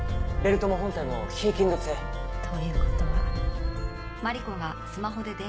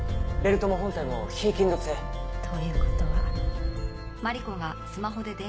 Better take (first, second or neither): second